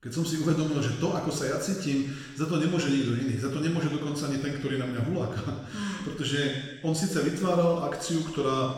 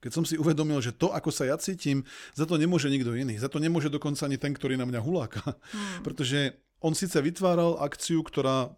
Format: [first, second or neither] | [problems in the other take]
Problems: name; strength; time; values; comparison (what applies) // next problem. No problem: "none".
second | room echo; noticeable; dies away in 1.1 s // off-mic speech; somewhat distant